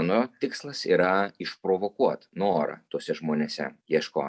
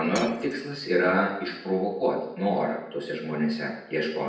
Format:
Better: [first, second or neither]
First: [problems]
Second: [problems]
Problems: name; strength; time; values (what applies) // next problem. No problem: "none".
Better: first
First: none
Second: background sound (Shatter); 17 dB below the speech // room echo; dies away in 0.9 s